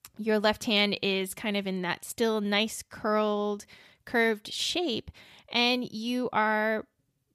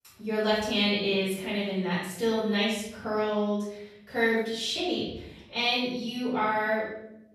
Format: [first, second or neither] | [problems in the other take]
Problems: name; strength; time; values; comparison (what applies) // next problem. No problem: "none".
first | off-mic speech; far // room echo; noticeable; dies away in 0.8 s